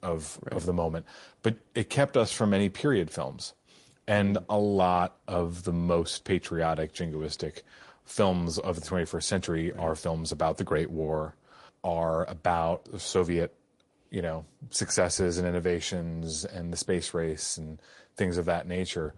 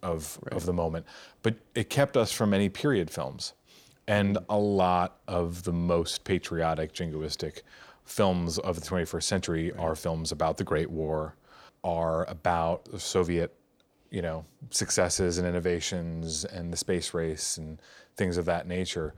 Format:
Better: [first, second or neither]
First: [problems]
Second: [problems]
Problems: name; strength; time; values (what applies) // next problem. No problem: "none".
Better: second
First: garbled, watery; slightly; nothing above 9.5 kHz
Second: none